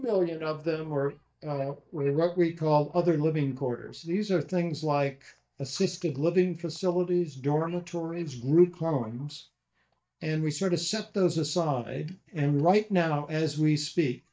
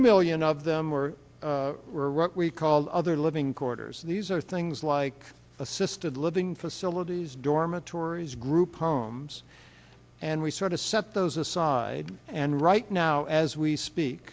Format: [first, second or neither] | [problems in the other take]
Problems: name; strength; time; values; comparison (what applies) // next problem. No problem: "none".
second | noise reduction (neural mask model DeepFilterNet 3)